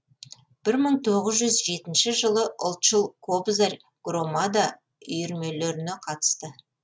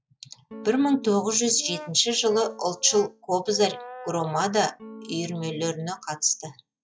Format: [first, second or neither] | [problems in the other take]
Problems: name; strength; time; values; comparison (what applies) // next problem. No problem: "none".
first | noise reduction (classical method log-MMSE)